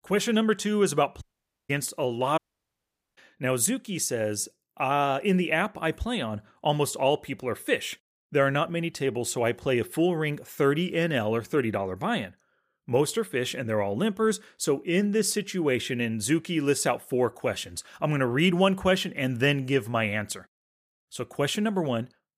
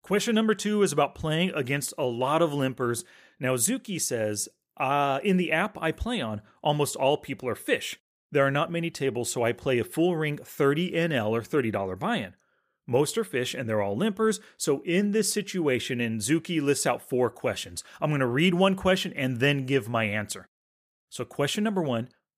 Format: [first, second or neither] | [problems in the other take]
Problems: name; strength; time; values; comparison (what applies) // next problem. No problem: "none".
second | audio cutting out; at 1 s and at 2.5 s for 1 s